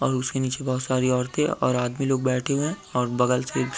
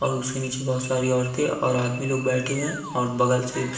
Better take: first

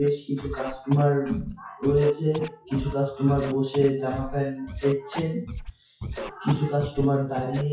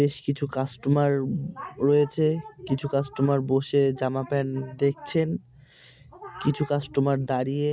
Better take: second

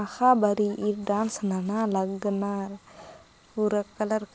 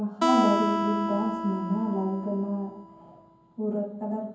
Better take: first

